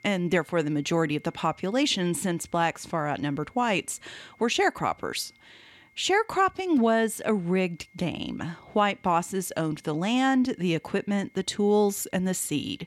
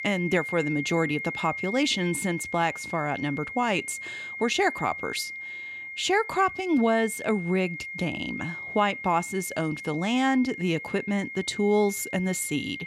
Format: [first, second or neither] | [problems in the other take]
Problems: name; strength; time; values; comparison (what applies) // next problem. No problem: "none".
first | high-pitched whine; loud; throughout; 2 kHz, 8 dB below the speech; faint in the first